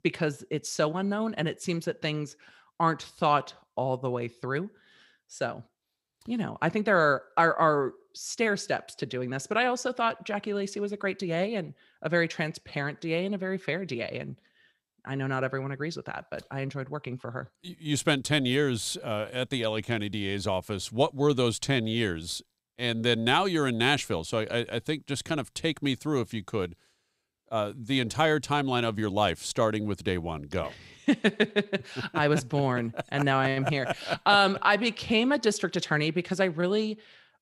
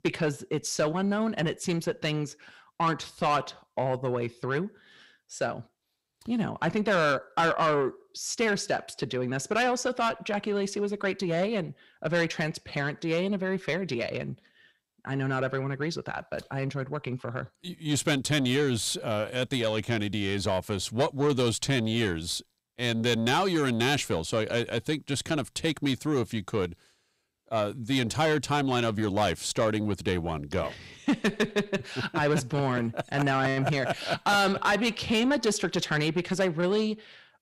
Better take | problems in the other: first | distortion; slight; 10 dB below the speech

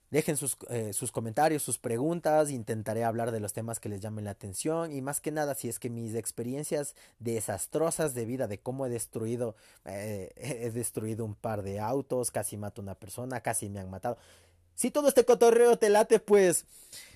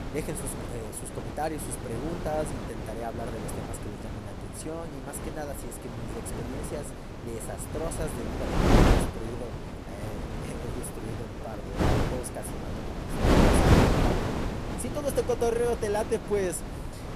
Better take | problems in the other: first | wind noise on the microphone; heavy; 2 dB above the speech

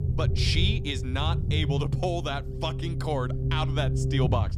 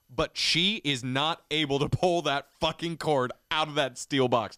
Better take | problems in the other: second | low rumble; loud; throughout; 9 dB below the speech

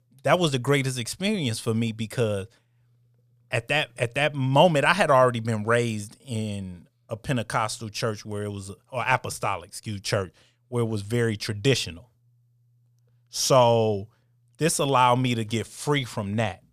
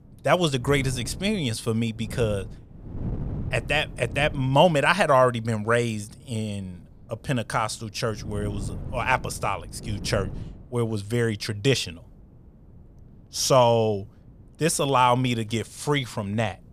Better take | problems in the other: first | wind noise on the microphone; occasional gusts; 20 dB below the speech

